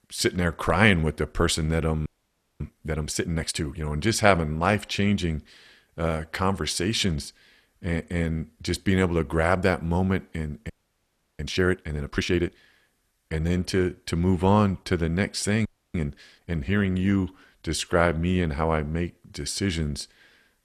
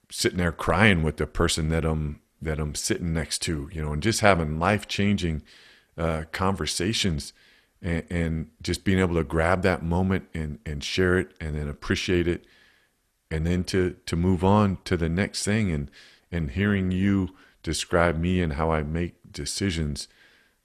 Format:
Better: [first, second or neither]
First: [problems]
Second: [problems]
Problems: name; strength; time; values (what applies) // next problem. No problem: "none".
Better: second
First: audio freezing; at 2 s for 0.5 s, at 11 s for 0.5 s and at 16 s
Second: none